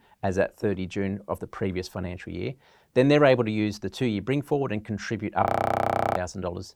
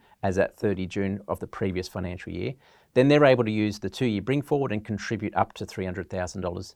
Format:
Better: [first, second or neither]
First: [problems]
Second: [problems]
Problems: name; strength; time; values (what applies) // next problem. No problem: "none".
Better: second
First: audio freezing; at 5.5 s for 0.5 s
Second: none